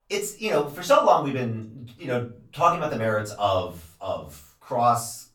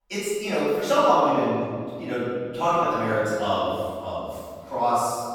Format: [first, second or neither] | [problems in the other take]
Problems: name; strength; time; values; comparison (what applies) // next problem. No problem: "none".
first | room echo; strong; dies away in 1.8 s; slight in the first // off-mic speech; far; far in the first